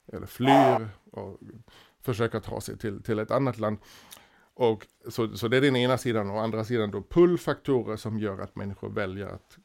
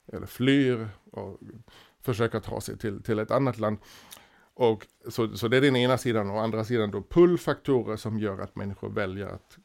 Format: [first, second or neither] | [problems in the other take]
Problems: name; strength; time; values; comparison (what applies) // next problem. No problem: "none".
second | dog barking; loud; at 0.5 s; peak 6 dB above the speech